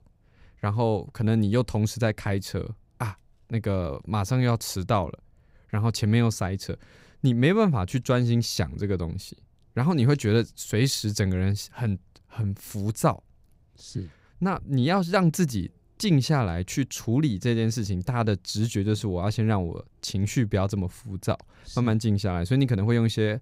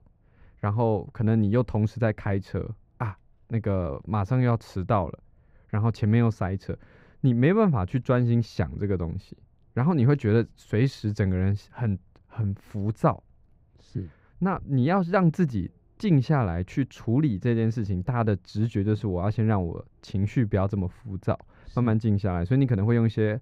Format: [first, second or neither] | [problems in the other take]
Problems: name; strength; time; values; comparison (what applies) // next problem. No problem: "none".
first | muffled; very; fading above 3.5 kHz